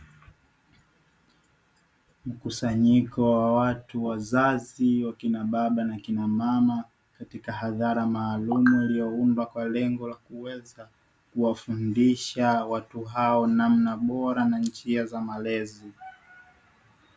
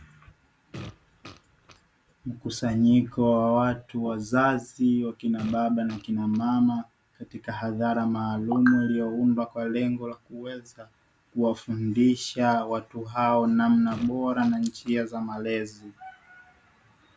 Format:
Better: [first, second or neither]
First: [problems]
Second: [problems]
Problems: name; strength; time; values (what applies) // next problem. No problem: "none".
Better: first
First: none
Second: background sound (Fart); 18 dB below the speech